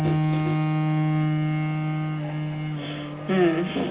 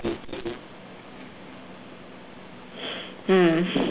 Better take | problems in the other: second | background sound (Bowed string instrument); 5 dB above the speech // room echo; dies away in 0.4 s

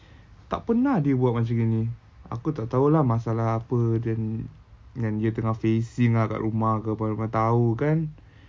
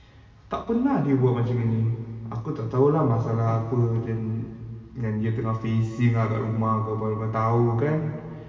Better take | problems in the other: first | room echo; dies away in 2.1 s

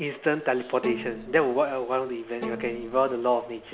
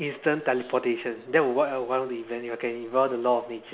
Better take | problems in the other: second | background sound (Bowed string instrument); 13 dB below the speech

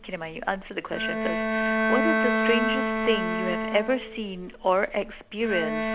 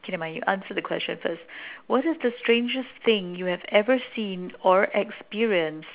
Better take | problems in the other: second | background sound (Bowed string instrument); 1 dB above the speech

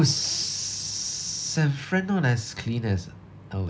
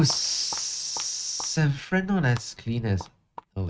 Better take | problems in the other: first | noise reduction (neural mask model RNNoise)

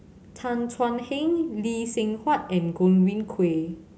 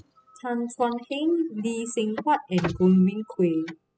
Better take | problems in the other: first | noise reduction (classical method spectral subtraction)

